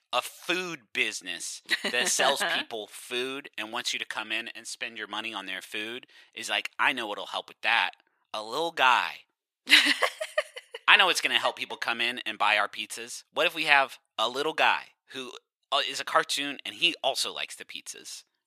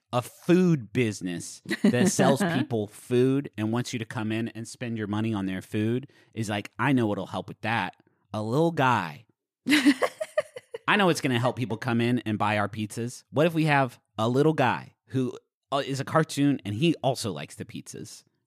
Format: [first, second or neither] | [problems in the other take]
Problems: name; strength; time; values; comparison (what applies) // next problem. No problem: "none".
second | thin; very; fading below 800 Hz